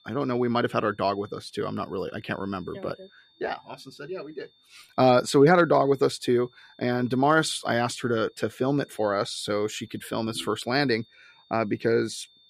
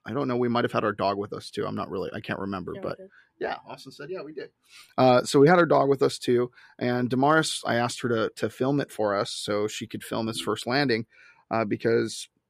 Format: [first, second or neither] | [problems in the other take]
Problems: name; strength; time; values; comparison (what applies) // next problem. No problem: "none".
second | high-pitched whine; faint; throughout; 3.5 kHz, 30 dB below the speech